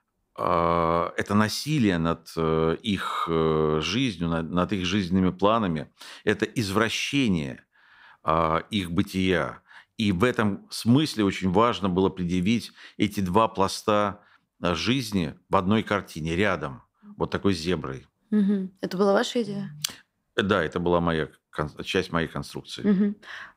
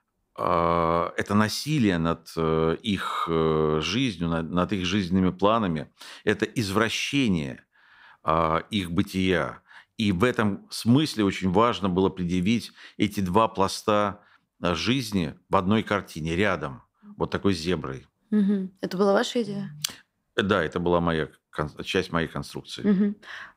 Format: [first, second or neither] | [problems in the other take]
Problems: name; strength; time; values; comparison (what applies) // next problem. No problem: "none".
neither | none